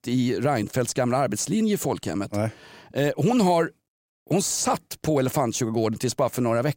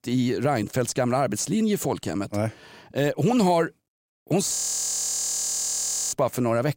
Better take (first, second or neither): first